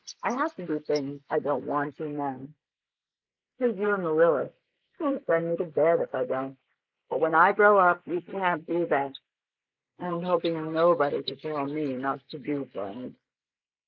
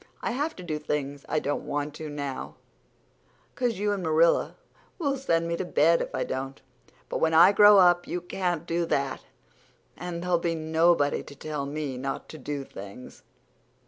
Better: second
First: noise reduction (neural mask model Resemble Enhance denoiser)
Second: none

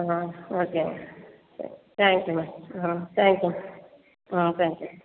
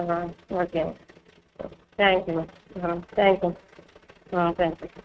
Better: first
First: none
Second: noise reduction (neural mask model RNNoise)

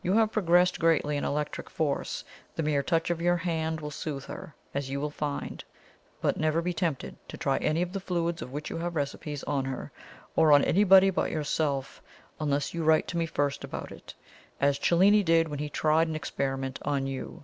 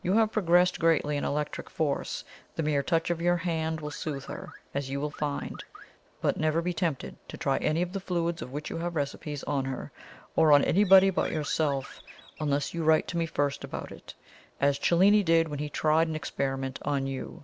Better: first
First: none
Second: background sound (Bird + Car); 20 dB below the speech

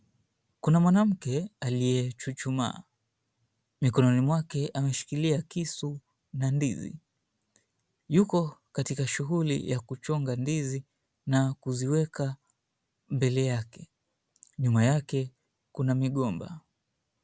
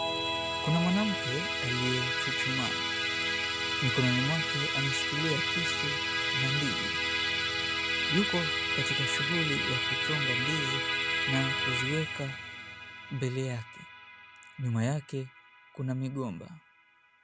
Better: first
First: none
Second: background sound (Musical instrument); 3 dB above the speech

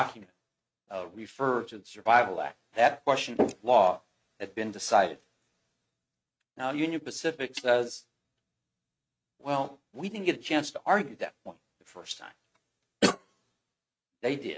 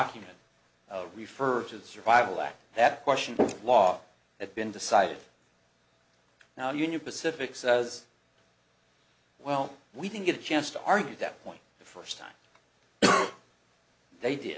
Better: second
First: noise reduction (neural mask model RNNoise)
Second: none

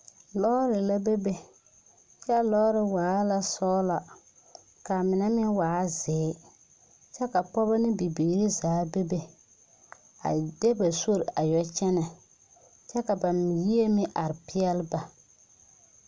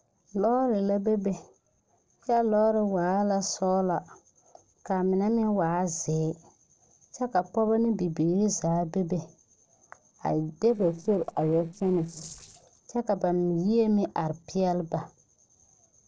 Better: first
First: none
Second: noise reduction (neural separator model SepFormer DNS4)

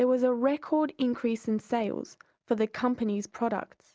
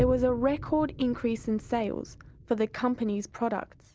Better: first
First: none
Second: background sound (Boom); 12 dB below the speech

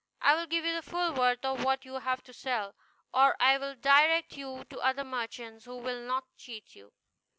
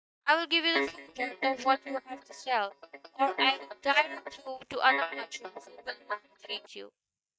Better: first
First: none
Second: noise reduction (neural mask model DeepFilterNet 3)

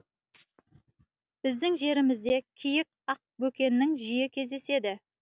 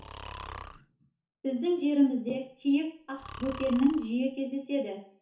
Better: first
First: none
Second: background sound (Breathing); 17 dB below the speech // room echo; dies away in 0.9 s

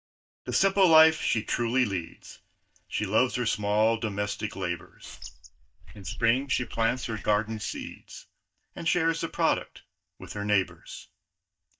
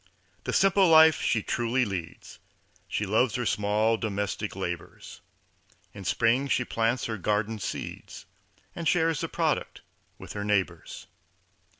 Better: second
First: noise reduction (neural mask model DeepFilterNet 3)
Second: none

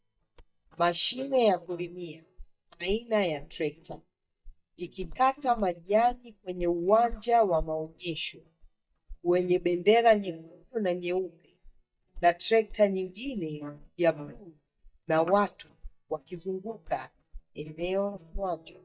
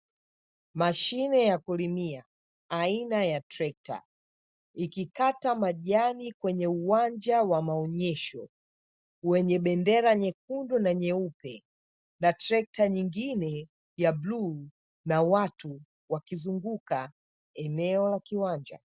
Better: second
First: noise reduction (neural mask model DeepFilterNet 3)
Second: none

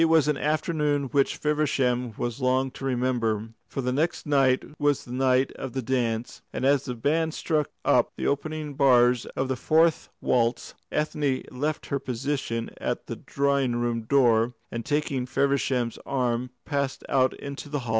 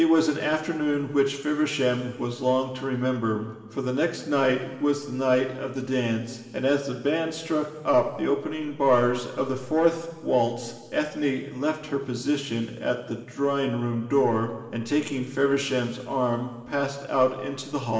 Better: first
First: none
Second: room echo; dies away in 2.3 s

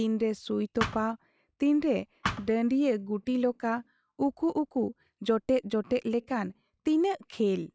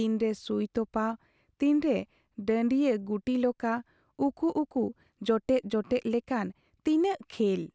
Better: second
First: noise reduction (classical method log-MMSE)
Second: none

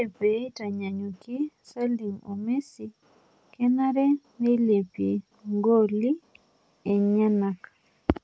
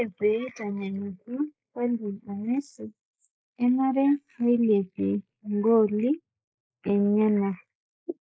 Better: first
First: none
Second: noise reduction (neural mask model Resemble Enhance denoiser)

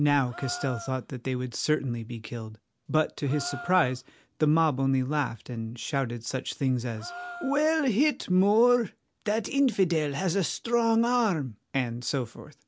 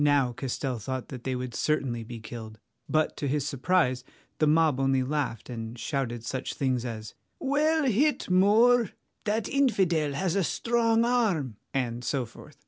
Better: second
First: background sound (Gasp); 18 dB below the speech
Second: none

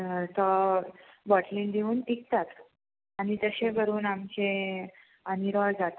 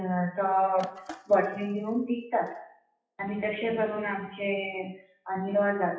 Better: first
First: none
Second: noise reduction (classical method WPE with log-MMSE)

